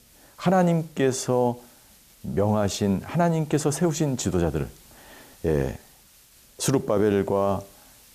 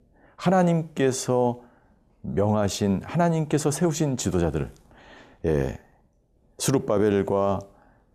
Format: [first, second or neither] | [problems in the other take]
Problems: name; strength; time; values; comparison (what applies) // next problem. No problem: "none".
second | hiss; faint; throughout; 25 dB below the speech